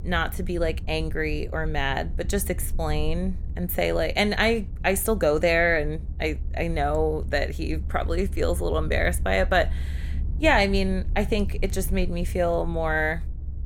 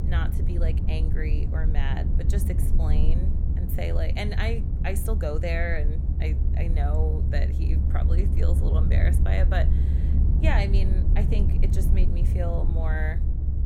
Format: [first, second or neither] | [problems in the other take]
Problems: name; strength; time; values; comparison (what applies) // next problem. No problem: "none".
first | low rumble; loud; throughout; 5 dB below the speech; faint in the first